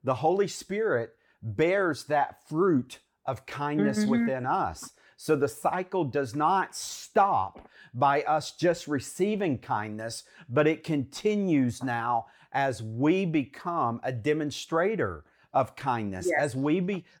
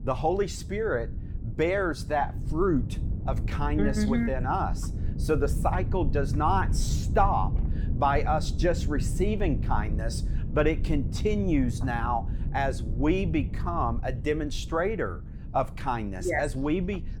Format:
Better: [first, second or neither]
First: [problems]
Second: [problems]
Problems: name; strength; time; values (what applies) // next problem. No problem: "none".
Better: first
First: none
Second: low rumble; noticeable; throughout; 15 dB below the speech